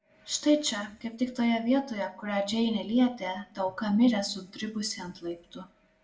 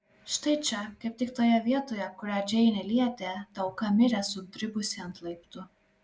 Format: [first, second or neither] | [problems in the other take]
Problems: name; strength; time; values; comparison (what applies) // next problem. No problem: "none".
second | room echo; dies away in 0.4 s